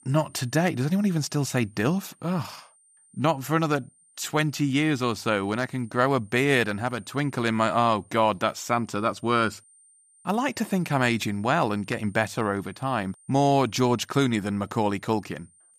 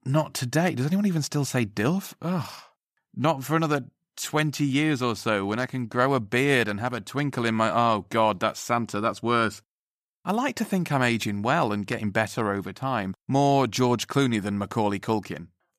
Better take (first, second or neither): second